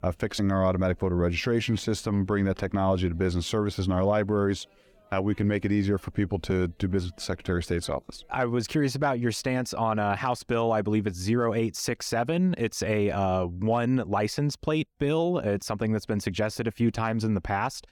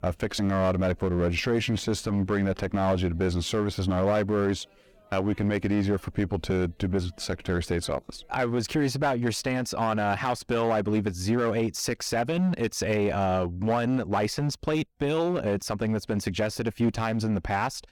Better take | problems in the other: first | distortion; slight; 9% of the sound clipped

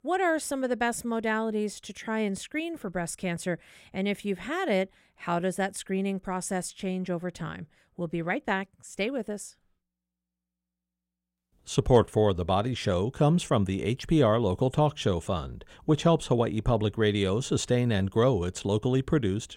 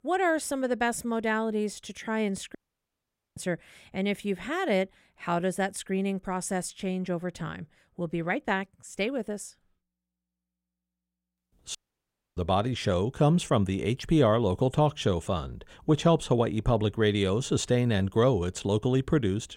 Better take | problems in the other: first | audio cutting out; at 2.5 s for 1 s and at 12 s for 0.5 s

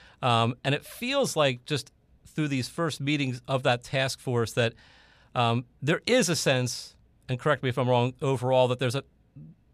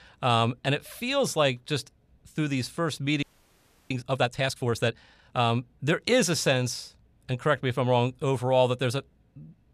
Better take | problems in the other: first | audio freezing; at 3 s for 0.5 s

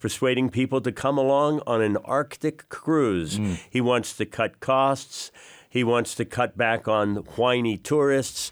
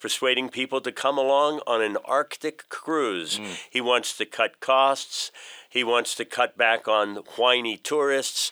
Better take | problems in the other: first | thin; somewhat; fading below 500 Hz

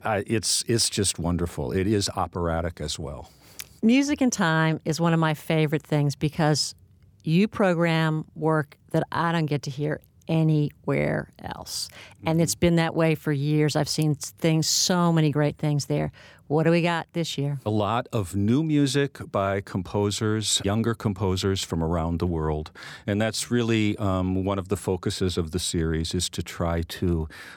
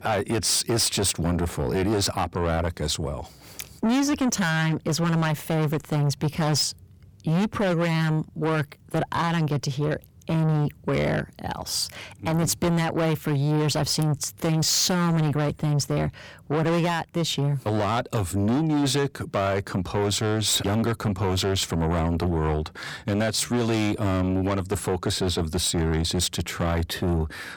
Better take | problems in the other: first | distortion; heavy; 6 dB below the speech

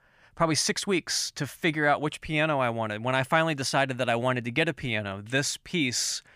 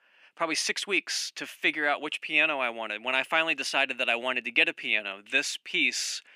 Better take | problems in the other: first | thin; somewhat; fading below 250 Hz

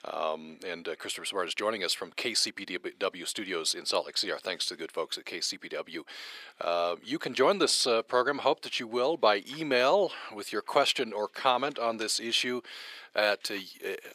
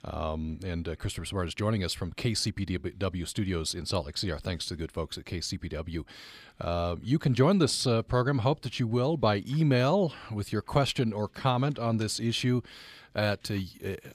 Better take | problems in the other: second | thin; very; fading below 400 Hz

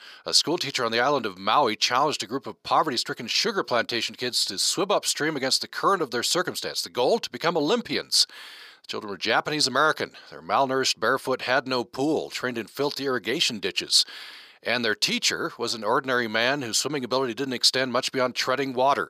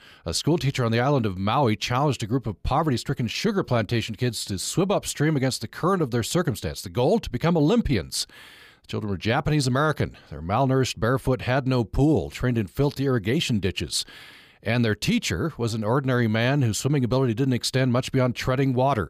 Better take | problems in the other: second | thin; somewhat; fading below 400 Hz

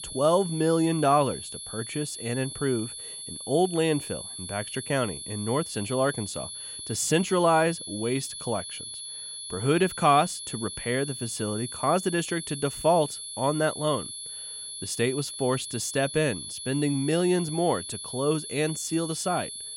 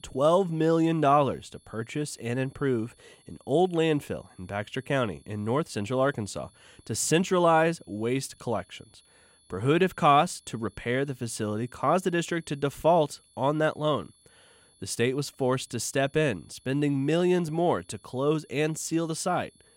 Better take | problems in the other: second | high-pitched whine; loud; throughout; 10.5 kHz, 8 dB below the speech; faint in the second

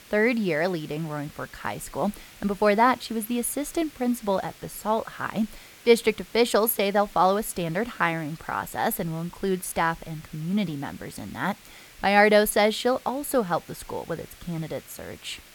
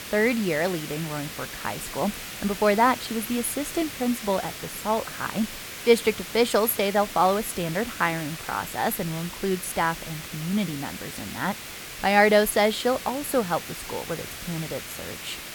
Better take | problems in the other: first | hiss; loud; throughout; 10 dB below the speech; faint in the first

